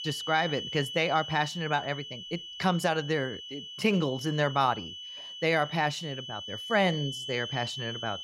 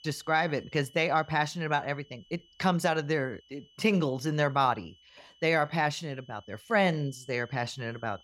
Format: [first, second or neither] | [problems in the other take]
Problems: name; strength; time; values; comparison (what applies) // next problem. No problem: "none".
second | high-pitched whine; loud; throughout; 3 kHz, 8 dB below the speech; faint in the second